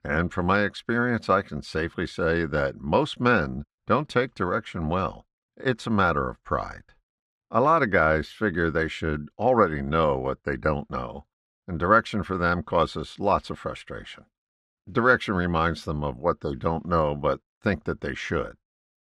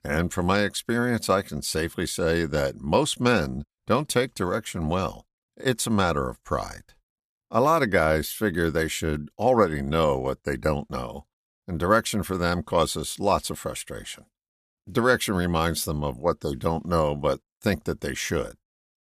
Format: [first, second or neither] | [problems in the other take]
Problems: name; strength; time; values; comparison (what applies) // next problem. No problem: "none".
second | muffled; slightly; fading above 3 kHz